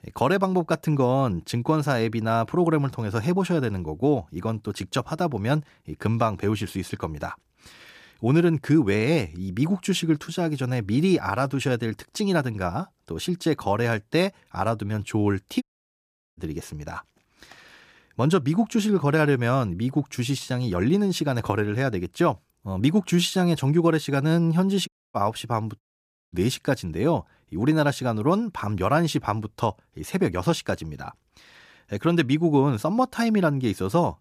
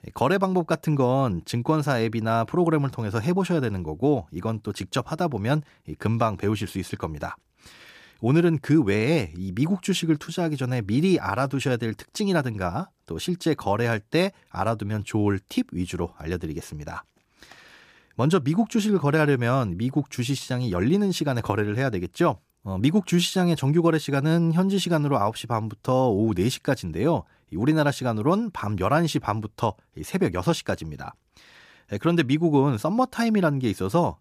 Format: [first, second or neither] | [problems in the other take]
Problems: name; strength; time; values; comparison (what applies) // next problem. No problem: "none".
second | audio cutting out; at 16 s for 1 s, at 25 s and at 26 s for 0.5 s